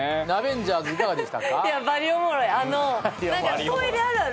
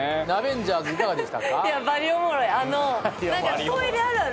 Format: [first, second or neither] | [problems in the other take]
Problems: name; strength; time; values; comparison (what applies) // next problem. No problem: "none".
first | background sound (Train); 16 dB below the speech